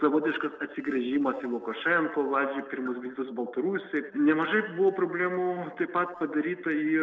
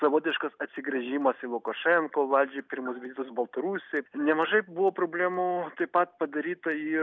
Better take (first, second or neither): second